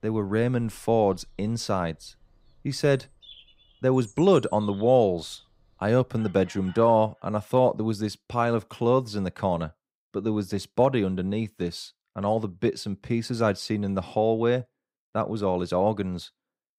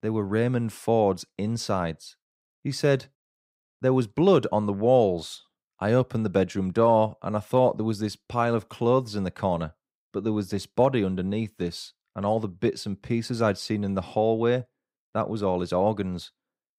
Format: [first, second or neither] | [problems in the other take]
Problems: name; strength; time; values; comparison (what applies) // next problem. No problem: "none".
second | animal sounds; faint; until 7 s; 25 dB below the speech